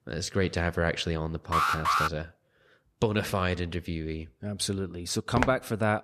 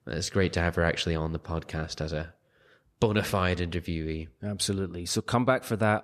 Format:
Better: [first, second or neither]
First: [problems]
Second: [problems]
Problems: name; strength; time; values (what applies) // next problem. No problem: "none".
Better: second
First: alarm; loud; at 1.5 s; peak 5 dB above the speech // footsteps; noticeable; at 5.5 s; peak 1 dB below the speech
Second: none